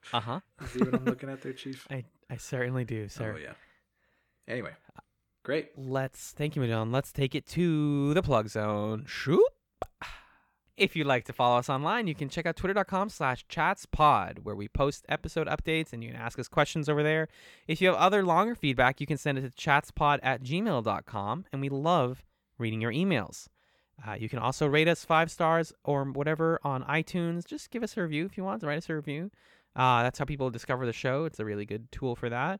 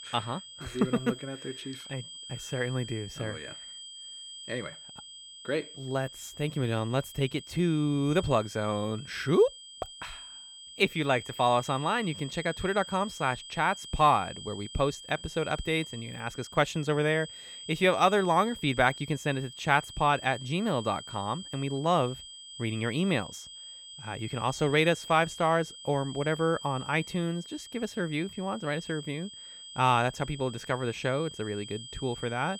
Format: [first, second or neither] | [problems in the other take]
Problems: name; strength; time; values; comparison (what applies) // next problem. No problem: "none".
first | high-pitched whine; noticeable; throughout; 3 kHz, 15 dB below the speech